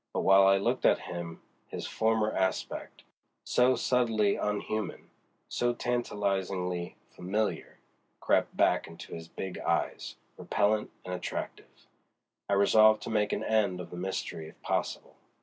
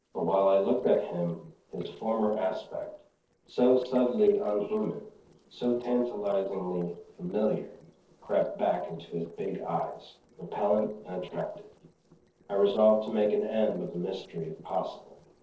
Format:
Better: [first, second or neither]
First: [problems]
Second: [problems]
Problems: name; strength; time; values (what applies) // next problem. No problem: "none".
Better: first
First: none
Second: noise reduction (neural separator model SepFormer DNS4)